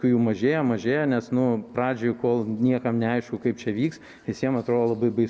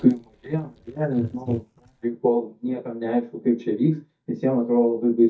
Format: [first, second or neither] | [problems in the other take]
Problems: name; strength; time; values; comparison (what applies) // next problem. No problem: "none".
first | noise reduction (neural mask model DeepFilterNet 3)